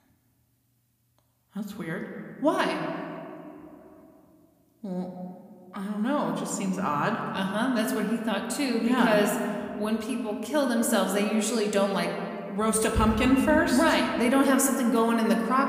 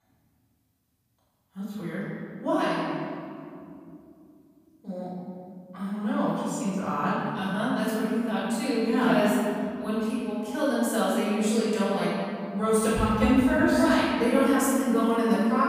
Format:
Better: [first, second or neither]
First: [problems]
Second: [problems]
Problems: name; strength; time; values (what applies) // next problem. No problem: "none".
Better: first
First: room echo; slight; dies away in 2 s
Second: room echo; strong; dies away in 2.4 s // off-mic speech; far